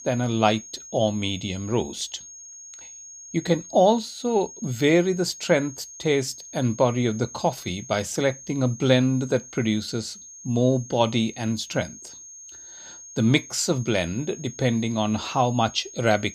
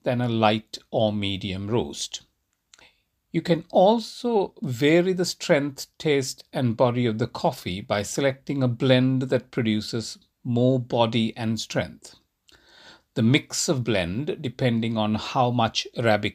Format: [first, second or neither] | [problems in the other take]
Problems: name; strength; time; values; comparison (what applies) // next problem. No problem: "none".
second | high-pitched whine; noticeable; throughout; 6.5 kHz, 15 dB below the speech